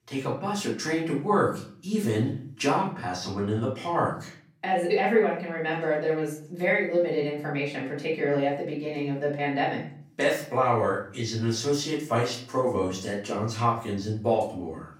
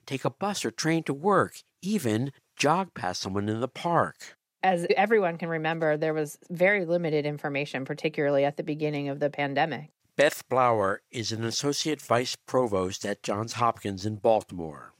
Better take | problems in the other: second | off-mic speech; far // room echo; slight; dies away in 0.5 s

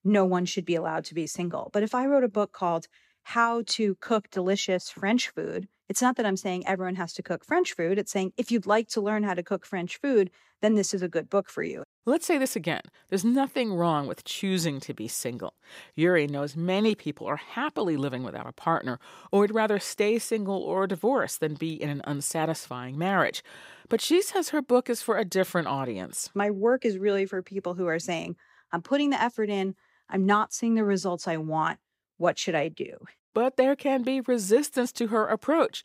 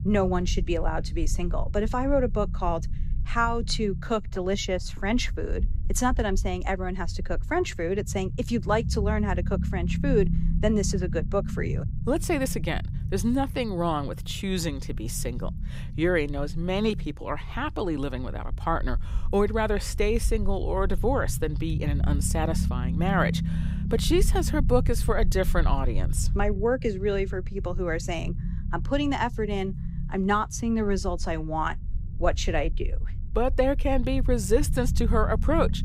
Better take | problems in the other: first | low rumble; noticeable; throughout; 15 dB below the speech

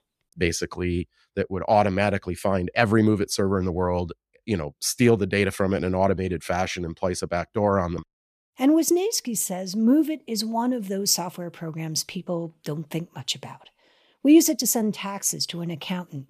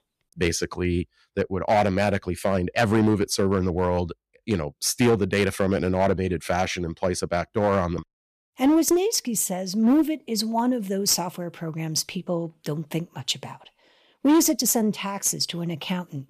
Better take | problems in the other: first | distortion; slight; 3% of the sound clipped

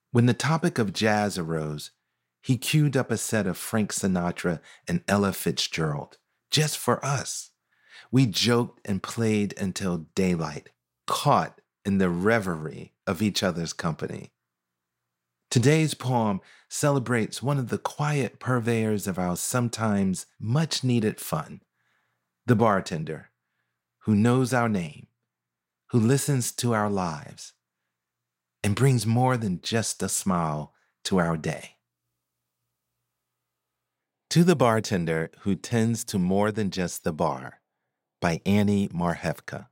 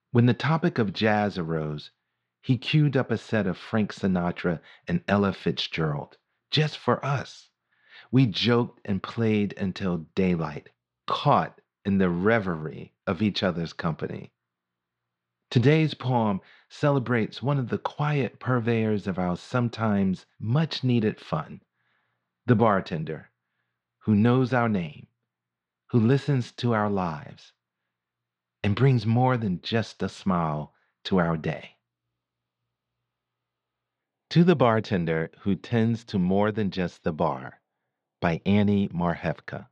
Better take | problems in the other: first | muffled; slightly; fading above 4 kHz

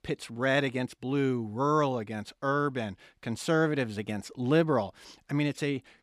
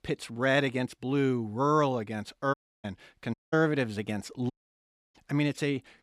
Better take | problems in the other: first | audio cutting out; at 2.5 s, at 3.5 s and at 4.5 s for 0.5 s

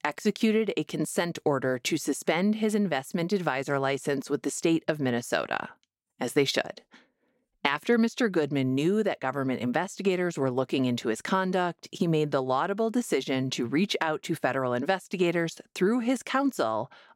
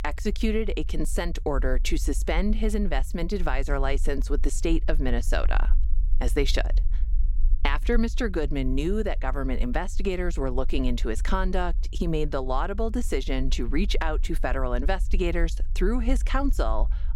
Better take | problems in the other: first | low rumble; faint; throughout; 25 dB below the speech

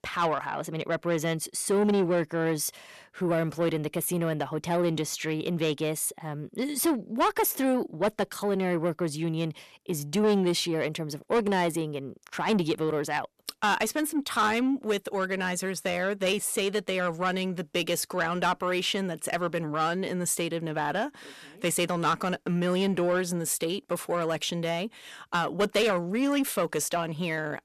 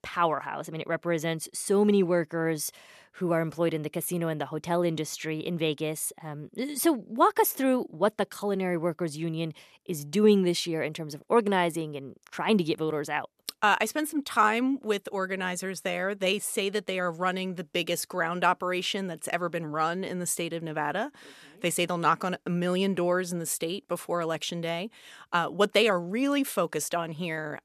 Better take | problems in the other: second | distortion; slight; 10 dB below the speech

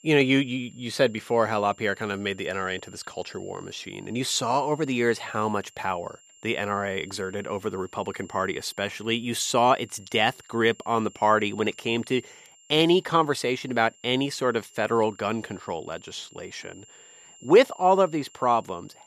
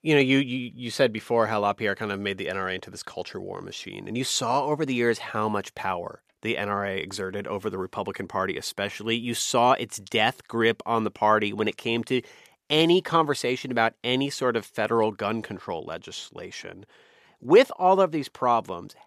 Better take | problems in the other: second | high-pitched whine; faint; throughout; 7.5 kHz, 25 dB below the speech

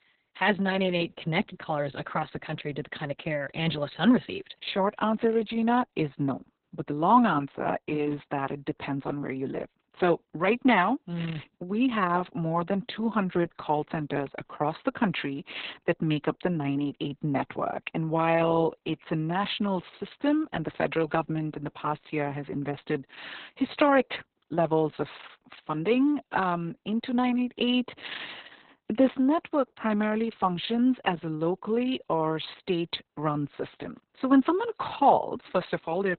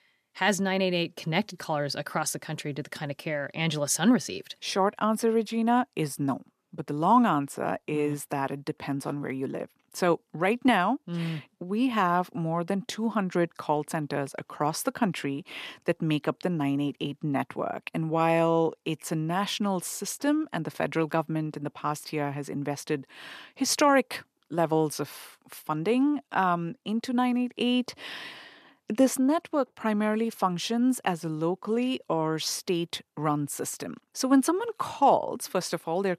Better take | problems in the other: second | garbled, watery; badly; nothing above 4 kHz

